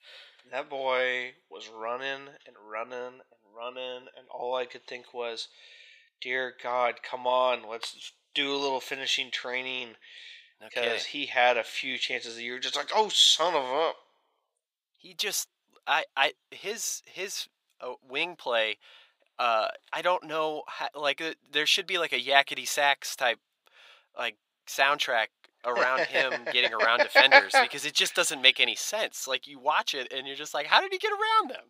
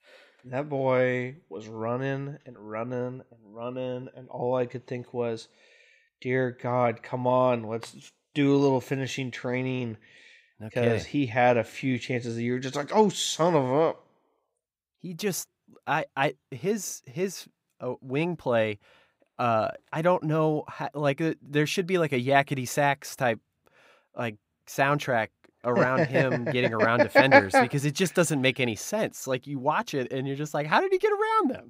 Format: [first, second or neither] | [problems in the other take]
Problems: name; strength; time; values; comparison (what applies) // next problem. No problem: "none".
second | thin; very; fading below 700 Hz